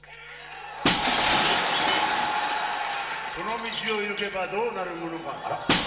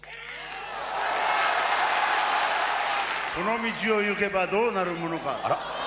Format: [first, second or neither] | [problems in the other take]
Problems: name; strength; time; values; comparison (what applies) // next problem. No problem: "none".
second | background sound (Shatter); 1 dB below the speech // room echo; dies away in 1.4 s